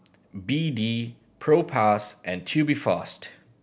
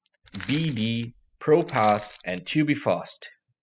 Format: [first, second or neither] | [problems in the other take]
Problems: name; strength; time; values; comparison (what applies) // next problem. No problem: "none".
first | noise reduction (classical method spectral subtraction)